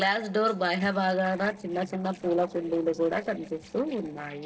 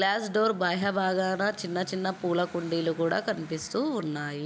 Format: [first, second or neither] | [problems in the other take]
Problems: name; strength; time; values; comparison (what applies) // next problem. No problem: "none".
second | noise reduction (neural separator model SepFormer DNS4)